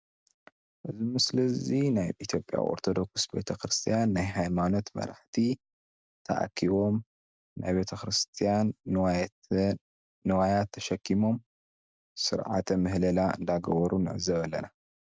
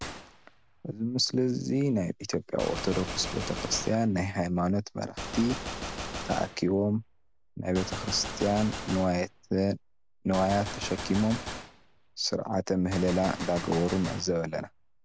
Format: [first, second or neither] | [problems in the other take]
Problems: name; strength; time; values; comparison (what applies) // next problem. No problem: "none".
first | background sound (Gunshot, gunfire); 10 dB below the speech